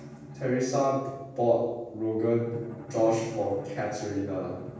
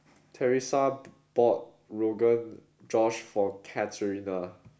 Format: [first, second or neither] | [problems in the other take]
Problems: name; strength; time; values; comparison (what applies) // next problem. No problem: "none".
second | background sound (Bowed string instrument); 16 dB below the speech // room echo; dies away in 1.2 s